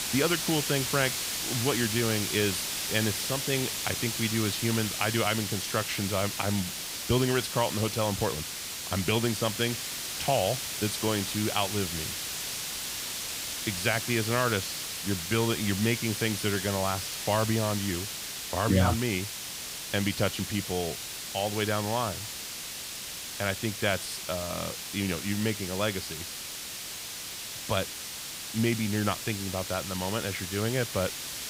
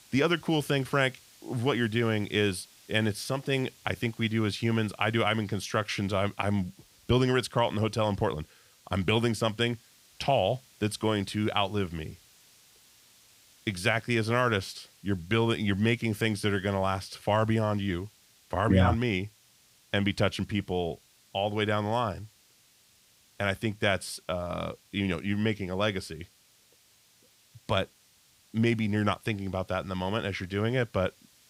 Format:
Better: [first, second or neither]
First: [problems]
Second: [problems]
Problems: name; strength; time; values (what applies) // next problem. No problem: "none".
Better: second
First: hiss; loud; throughout; 3 dB below the speech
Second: hiss; faint; throughout; 30 dB below the speech